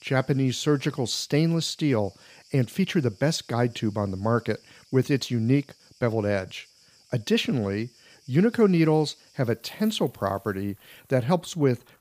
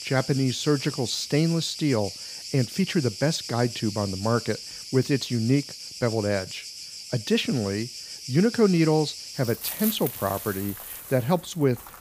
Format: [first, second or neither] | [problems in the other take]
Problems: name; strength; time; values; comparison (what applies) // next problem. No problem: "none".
first | animal sounds; loud; throughout; 9 dB below the speech; faint in the first